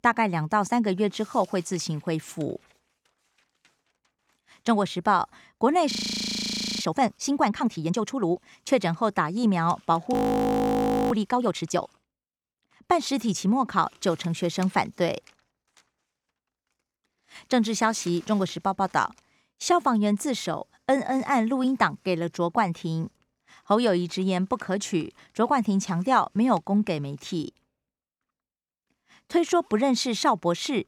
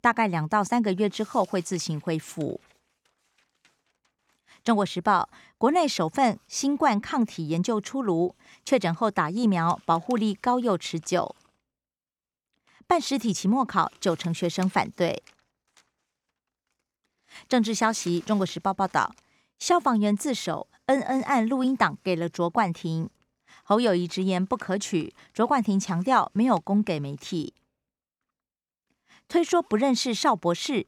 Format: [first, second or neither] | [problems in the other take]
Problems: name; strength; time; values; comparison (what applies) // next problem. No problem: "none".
second | audio freezing; at 6 s for 1 s and at 10 s for 1 s